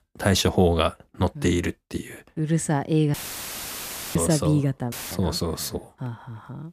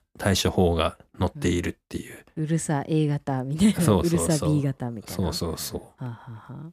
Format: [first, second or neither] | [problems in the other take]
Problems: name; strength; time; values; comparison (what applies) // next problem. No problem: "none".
second | audio cutting out; filled with static; at 3 s for 1 s and at 5 s